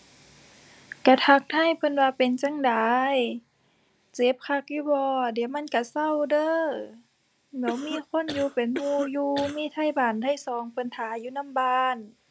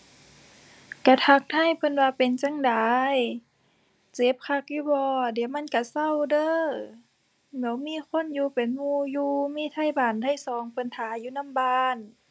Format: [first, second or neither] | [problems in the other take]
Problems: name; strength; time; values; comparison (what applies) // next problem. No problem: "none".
second | background sound (Cough); 12 dB below the speech